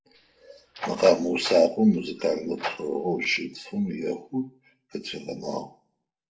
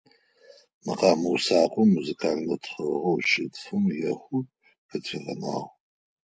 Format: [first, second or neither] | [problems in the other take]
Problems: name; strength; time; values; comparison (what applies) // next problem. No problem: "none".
second | background sound (Door); 13 dB below the speech // room echo; dies away in 0.3 s